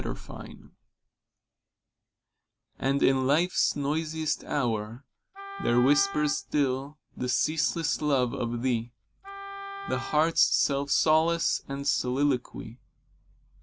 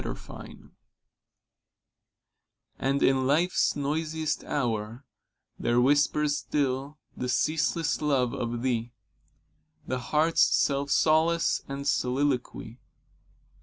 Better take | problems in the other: second | background sound (Wind instrument, woodwind instrument); 12 dB below the speech

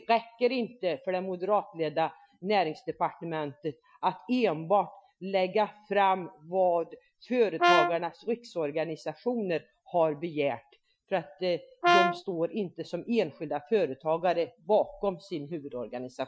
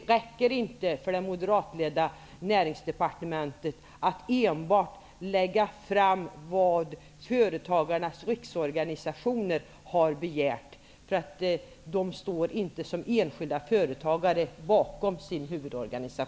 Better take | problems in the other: second | noise reduction (classical method Wiener filter)

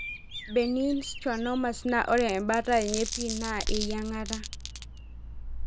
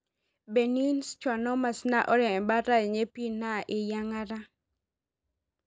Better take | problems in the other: second | background sound (Glass + Bird vocalization, bird call, bird song); 6 dB below the speech

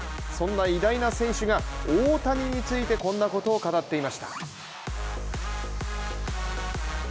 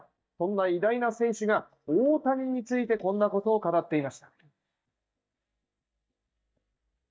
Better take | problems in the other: first | noise reduction (neural mask model DeepFilterNet 3)

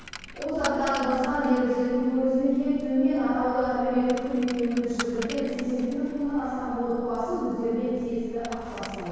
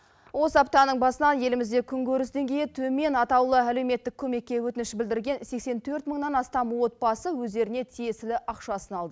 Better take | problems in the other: second | background sound (Coin (dropping)); 15 dB below the speech // room echo; dies away in 2 s

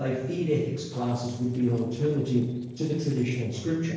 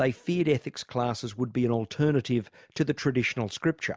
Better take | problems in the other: second | noise reduction (neural separator model SepFormer DNS4)

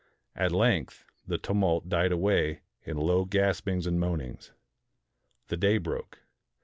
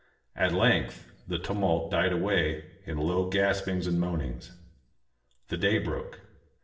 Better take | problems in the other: first | room echo; dies away in 0.6 s

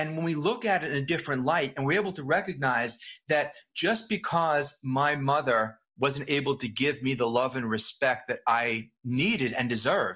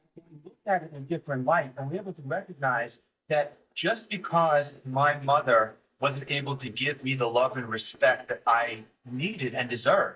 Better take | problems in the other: first | noise reduction (neural mask model DeepFilterNet 3)

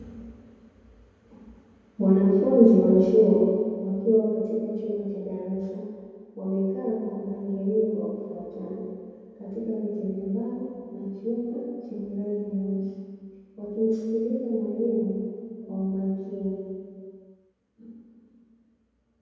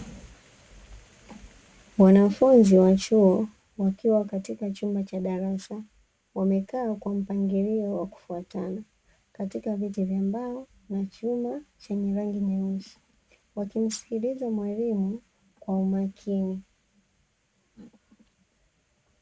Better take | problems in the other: second | room echo; dies away in 2.2 s

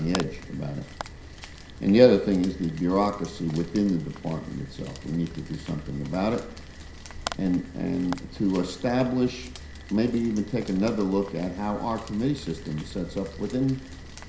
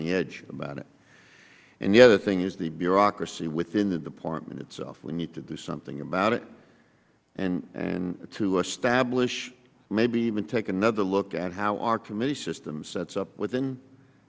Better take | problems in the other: second | background sound (Rain); 14 dB below the speech // room echo; dies away in 0.5 s

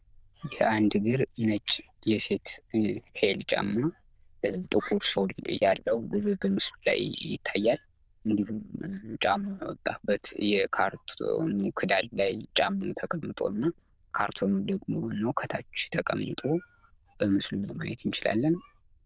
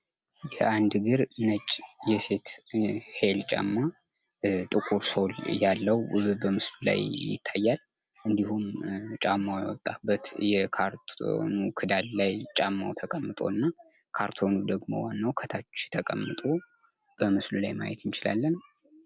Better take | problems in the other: second | noise reduction (neural diffusion model UNIVERSE++)

